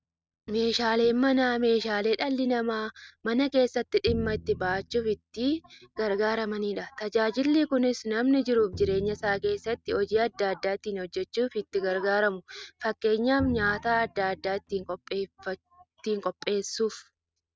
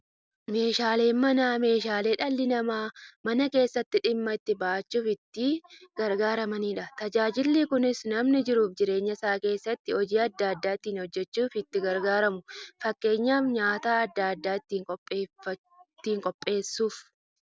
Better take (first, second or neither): second